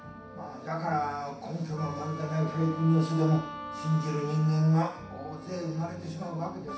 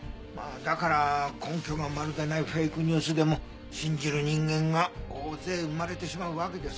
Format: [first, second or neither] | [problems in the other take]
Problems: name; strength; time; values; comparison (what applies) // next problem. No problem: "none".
second | background sound (Wind instrument, woodwind instrument); 14 dB below the speech // room echo; dies away in 0.7 s